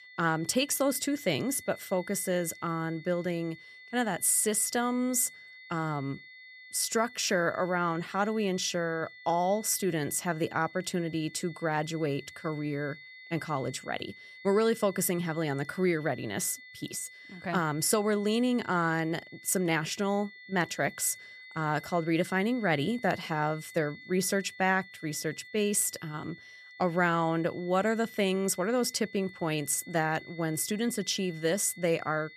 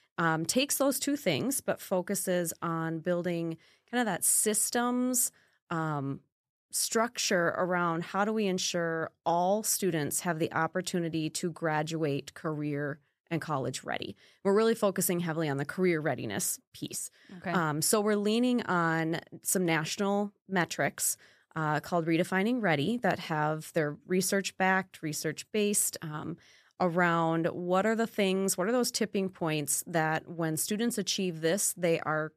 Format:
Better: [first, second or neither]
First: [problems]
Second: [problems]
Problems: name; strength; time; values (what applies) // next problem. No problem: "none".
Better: second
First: high-pitched whine; noticeable; throughout; 2 kHz, 20 dB below the speech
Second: none